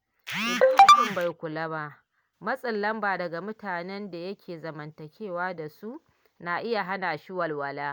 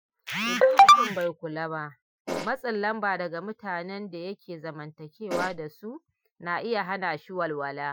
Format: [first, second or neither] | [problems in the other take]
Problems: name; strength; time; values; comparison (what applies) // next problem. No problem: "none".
first | noise reduction (classical method Wiener filter)